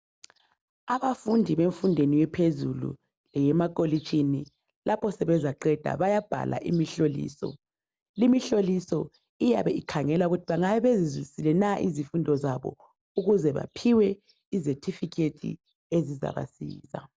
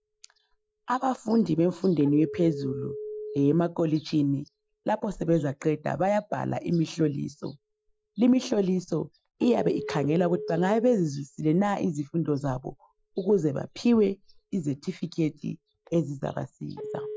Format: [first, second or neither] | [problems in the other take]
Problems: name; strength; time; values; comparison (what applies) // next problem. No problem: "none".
first | noise reduction (classical method Wiener filter)